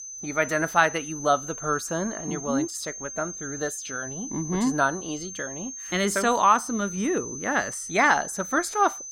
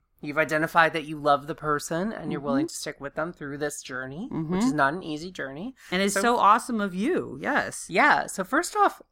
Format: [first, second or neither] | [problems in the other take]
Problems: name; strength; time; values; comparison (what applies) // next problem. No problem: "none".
second | high-pitched whine; loud; throughout; 6 kHz, 9 dB below the speech